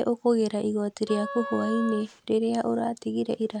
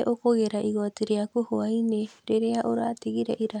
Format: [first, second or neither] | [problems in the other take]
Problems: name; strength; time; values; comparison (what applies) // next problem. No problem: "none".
second | background sound (Wind instrument, woodwind instrument); 11 dB below the speech